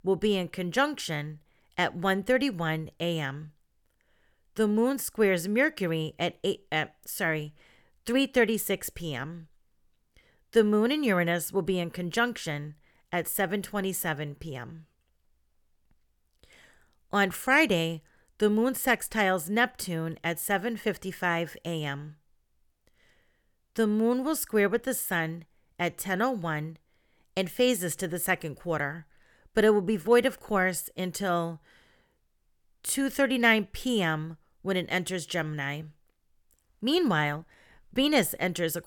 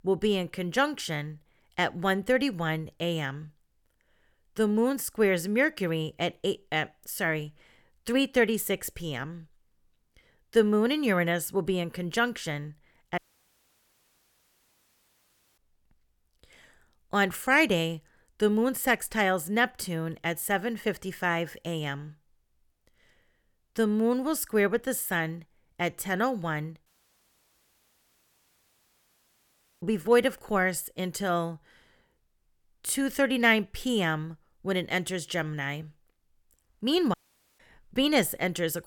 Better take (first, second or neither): first